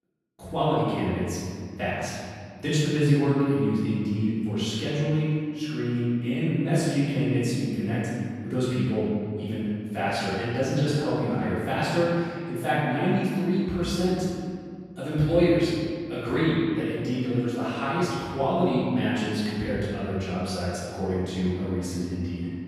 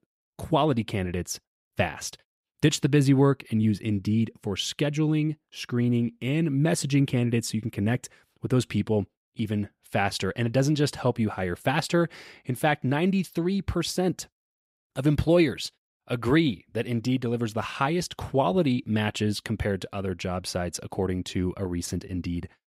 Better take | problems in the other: second | room echo; strong; dies away in 2 s // off-mic speech; far

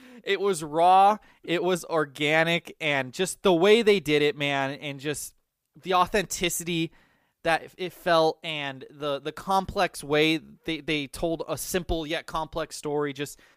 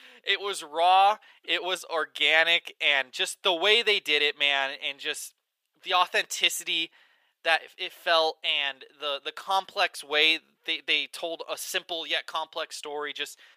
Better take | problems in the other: first | thin; very; fading below 650 Hz

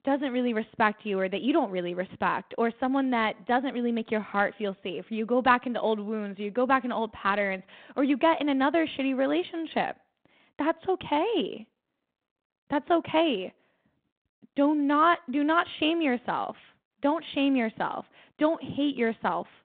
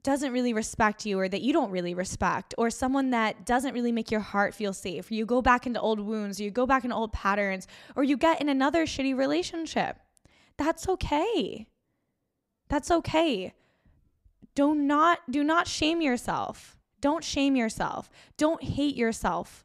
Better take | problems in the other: second | phone-call audio

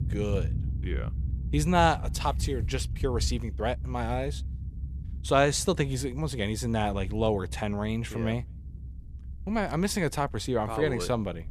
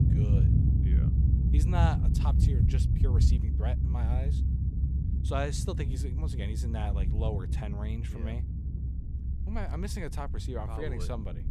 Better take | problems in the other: first | low rumble; loud; throughout; 3 dB below the speech; faint in the first

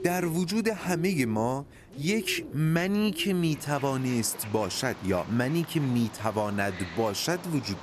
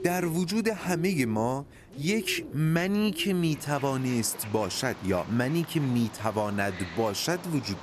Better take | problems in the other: neither | animal sounds; noticeable; throughout; 15 dB below the speech; the same in both

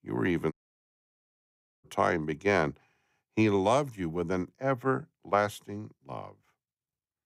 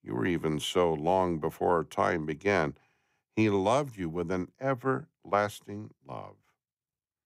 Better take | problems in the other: second | audio cutting out; at 0.5 s for 1.5 s

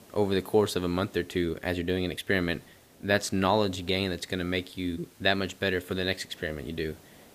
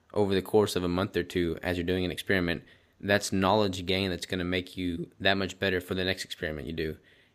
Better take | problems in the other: second | hiss; faint; throughout; 25 dB below the speech

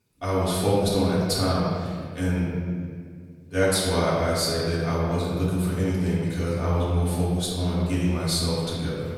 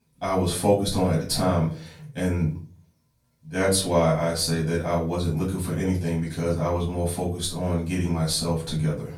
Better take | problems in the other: second | room echo; strong; dies away in 1.9 s; slight in the second // off-mic speech; far; far in the second

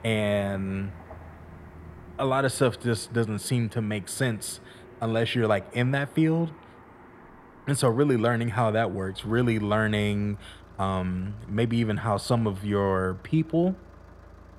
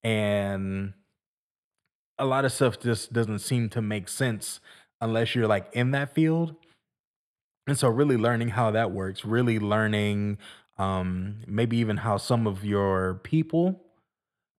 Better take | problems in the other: second | traffic noise; faint; throughout; 20 dB below the speech

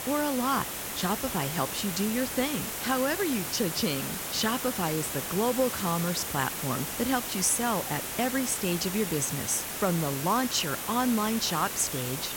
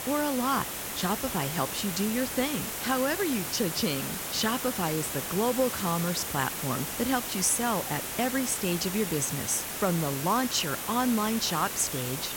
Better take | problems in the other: neither | hiss; loud; throughout; 3 dB below the speech; the same in both

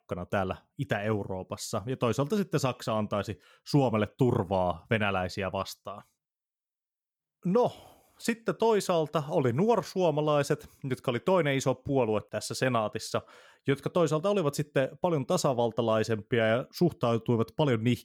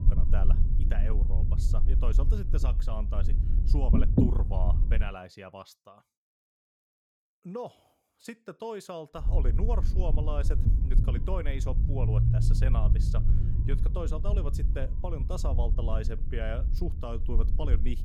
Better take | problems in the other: first | low rumble; loud; until 5 s and from 9.5 s on; 3 dB below the speech

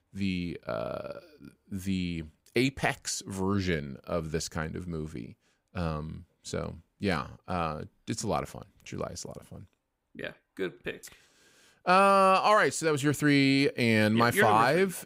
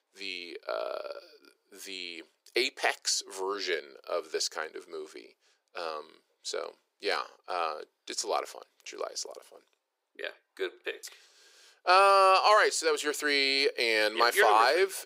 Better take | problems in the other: first | thin; very; fading below 400 Hz

